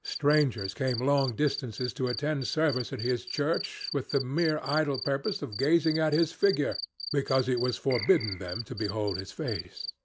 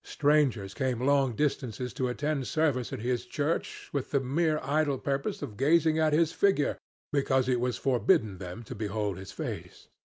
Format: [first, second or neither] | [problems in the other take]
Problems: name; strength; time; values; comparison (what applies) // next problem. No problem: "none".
second | background sound (Keyboard (musical) + Cricket); 11 dB below the speech